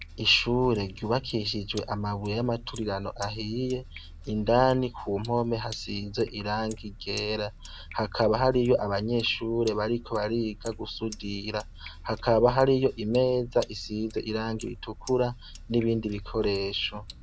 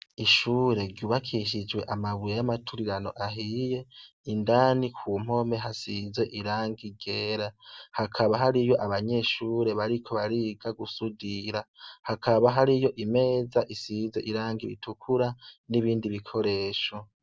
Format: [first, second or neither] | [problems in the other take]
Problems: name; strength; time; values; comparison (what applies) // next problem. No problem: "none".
second | background sound (Sink (filling or washing)); 16 dB below the speech